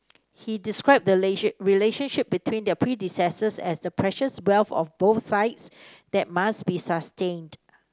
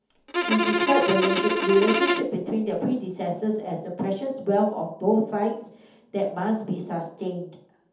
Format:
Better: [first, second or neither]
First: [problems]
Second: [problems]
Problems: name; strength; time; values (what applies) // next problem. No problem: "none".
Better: first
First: none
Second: background sound (Bowed string instrument); as loud as the speech // room echo; dies away in 0.6 s